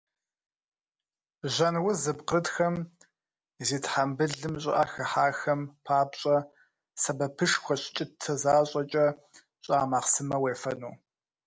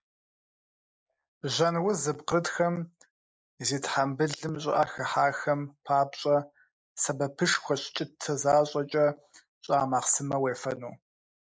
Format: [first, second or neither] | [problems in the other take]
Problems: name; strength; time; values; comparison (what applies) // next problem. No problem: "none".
first | noise reduction (neural mask model Resemble Enhance denoiser)